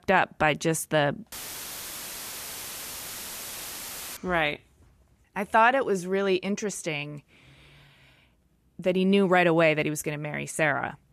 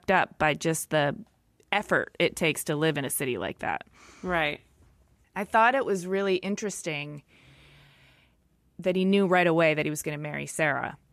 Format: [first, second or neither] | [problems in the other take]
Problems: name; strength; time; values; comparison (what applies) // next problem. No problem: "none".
second | audio cutting out; filled with static; at 1.5 s for 3 s